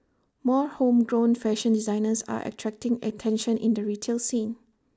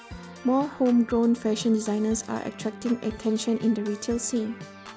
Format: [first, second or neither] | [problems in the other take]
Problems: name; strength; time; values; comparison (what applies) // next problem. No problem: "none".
first | background sound (Organ); 17 dB below the speech